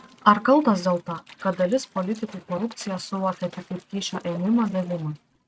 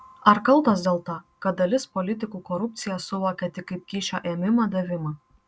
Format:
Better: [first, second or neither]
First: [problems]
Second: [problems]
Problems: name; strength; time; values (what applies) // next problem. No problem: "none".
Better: second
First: noise reduction (neural mask model RNNoise)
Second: none